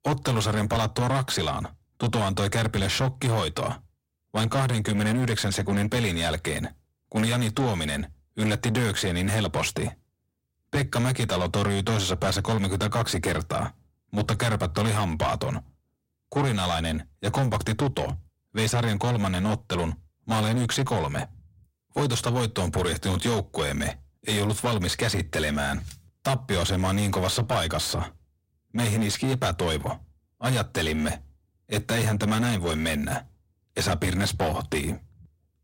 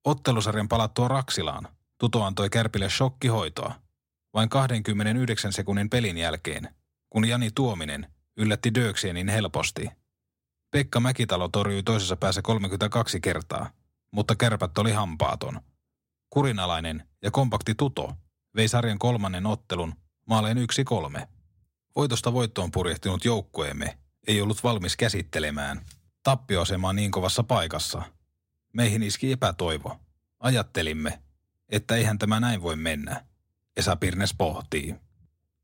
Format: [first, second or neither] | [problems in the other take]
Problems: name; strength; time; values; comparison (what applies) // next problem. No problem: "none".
second | distortion; heavy; 7 dB below the speech